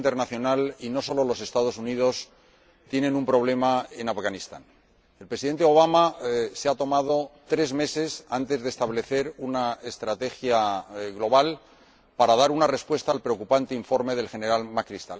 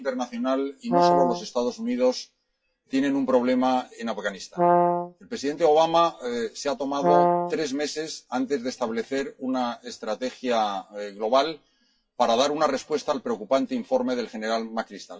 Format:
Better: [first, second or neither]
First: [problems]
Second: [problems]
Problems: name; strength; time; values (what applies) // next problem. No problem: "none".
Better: first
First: none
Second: noise reduction (classical method WPE with log-MMSE)